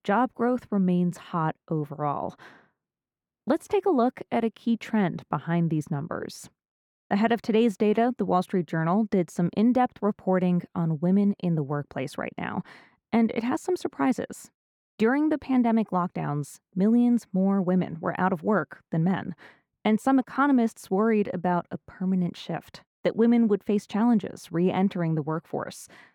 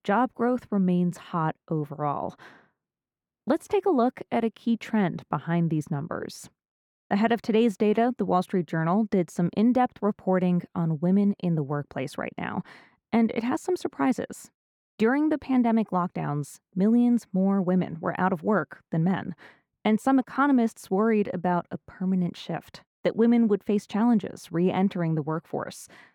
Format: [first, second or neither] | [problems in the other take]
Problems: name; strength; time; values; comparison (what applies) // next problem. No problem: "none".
neither | muffled; slightly; fading above 2.5 kHz; the same in both